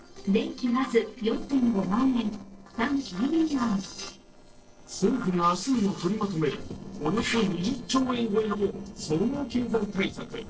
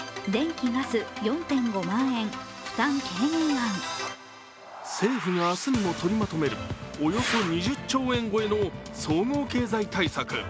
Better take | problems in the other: second | noise reduction (neural separator model SepFormer DNS4)

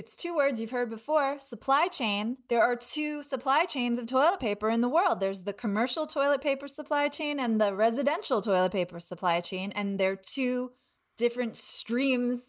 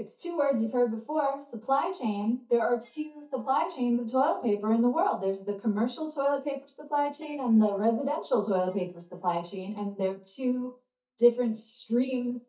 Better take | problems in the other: first | noise reduction (neural mask model DeepFilterNet 3)

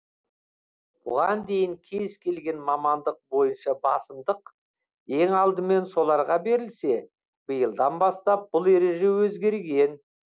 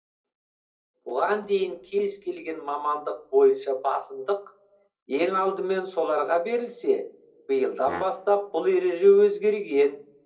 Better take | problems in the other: first | background sound (Brass instrument); 15 dB below the speech // room echo; dies away in 0.3 s

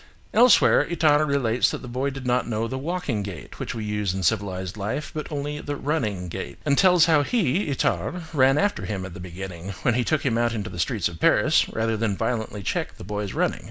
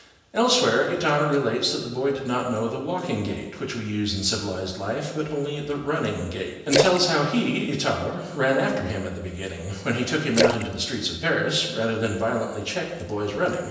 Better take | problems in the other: first | background sound (Splash, splatter); 4 dB below the speech // room echo; dies away in 1 s

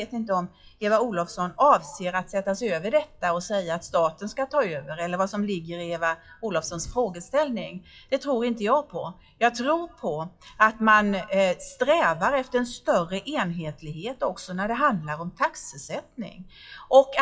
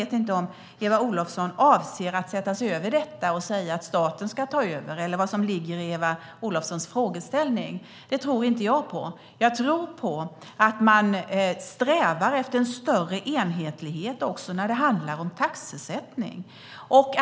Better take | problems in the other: second | noise reduction (classical method WPE with log-MMSE)

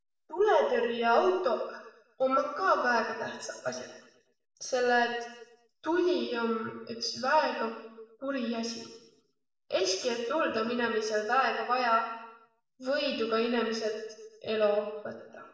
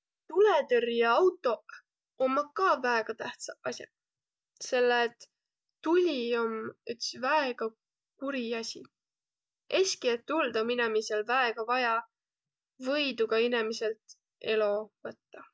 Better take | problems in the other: second | room echo; dies away in 0.9 s

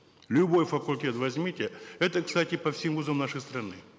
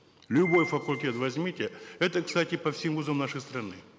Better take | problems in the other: first | background sound (Piano); 10 dB below the speech

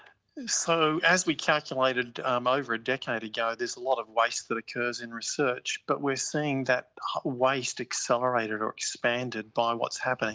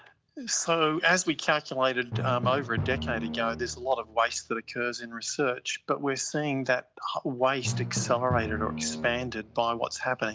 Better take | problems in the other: first | background sound (Drum); 9 dB below the speech

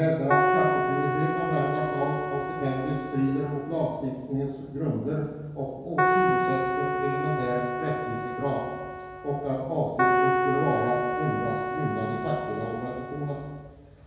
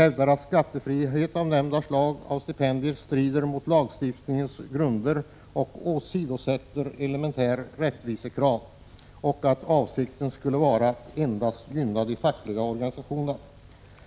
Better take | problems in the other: second | background sound (Keyboard (musical)); 1 dB above the speech // room echo; dies away in 1.2 s

